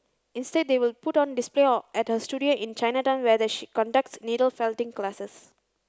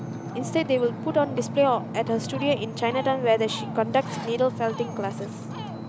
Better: first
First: none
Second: background sound (Ocean); 7 dB below the speech

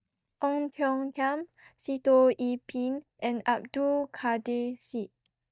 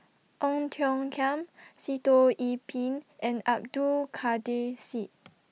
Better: second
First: noise reduction (neural mask model DeepFilterNet 3)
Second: none

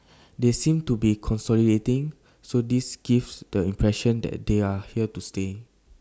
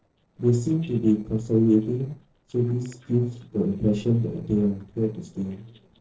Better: first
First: none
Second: noise reduction (neural separator model SepFormer DNS4)

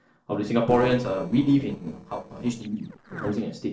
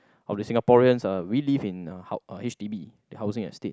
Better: second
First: noise reduction (neural separator model SepFormer DNS4)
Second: none

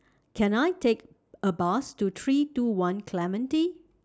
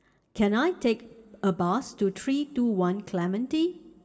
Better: first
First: none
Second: room echo; dies away in 1.4 s

